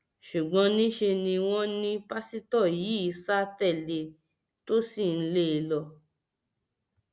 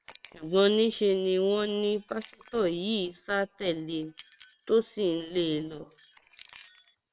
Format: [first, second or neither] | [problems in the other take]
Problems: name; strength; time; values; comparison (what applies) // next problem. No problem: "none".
first | noise reduction (neural separator model SepFormer WHAM!)